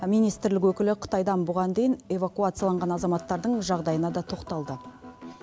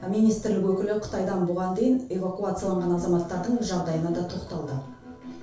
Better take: first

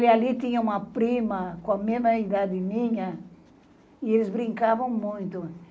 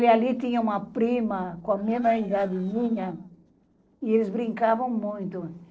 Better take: first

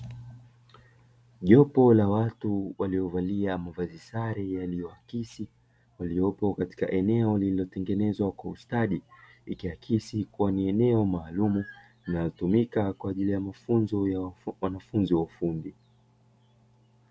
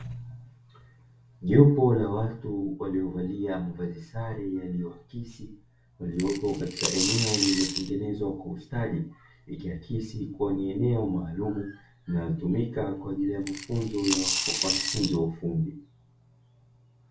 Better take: first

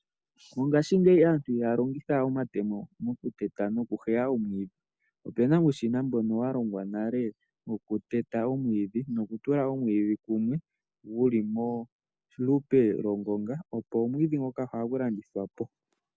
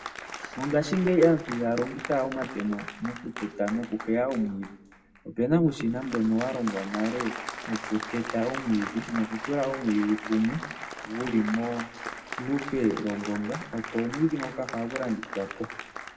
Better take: first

